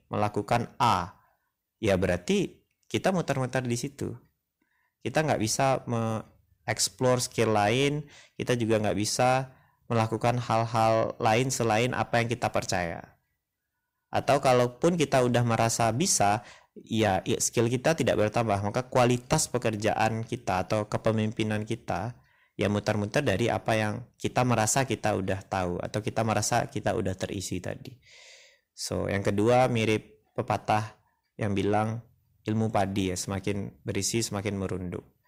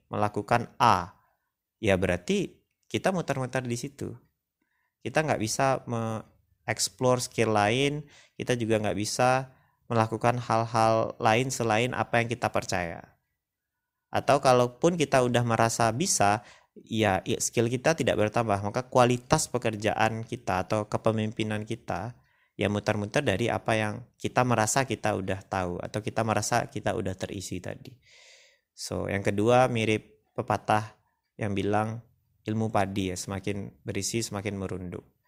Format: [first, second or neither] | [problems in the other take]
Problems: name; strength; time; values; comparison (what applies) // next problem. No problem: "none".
second | distortion; slight; 10 dB below the speech